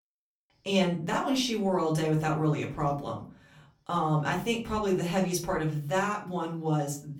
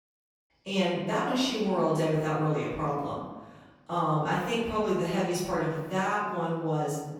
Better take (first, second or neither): first